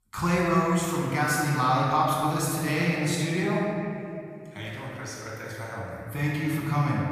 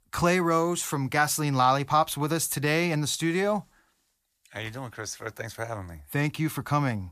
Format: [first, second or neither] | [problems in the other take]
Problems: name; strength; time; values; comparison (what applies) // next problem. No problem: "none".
second | room echo; strong; dies away in 2.4 s // off-mic speech; far